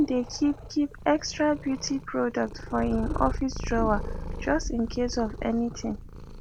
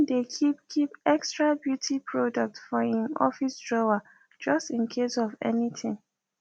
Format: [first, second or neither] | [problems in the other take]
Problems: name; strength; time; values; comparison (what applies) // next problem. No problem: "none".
second | background sound (Purr); 7 dB below the speech